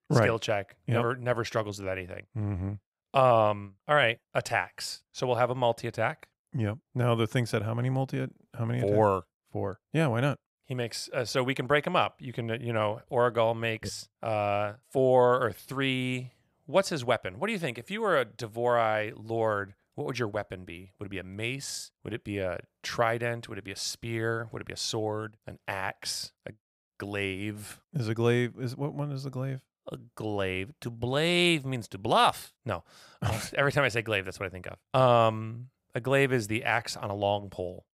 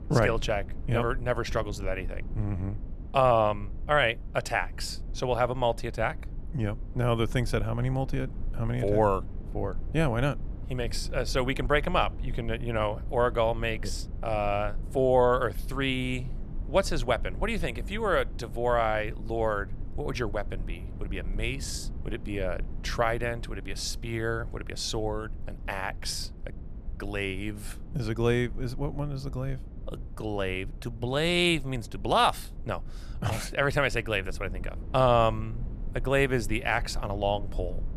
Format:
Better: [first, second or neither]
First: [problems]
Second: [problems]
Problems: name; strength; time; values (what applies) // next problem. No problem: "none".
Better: first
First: none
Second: low rumble; faint; throughout; 25 dB below the speech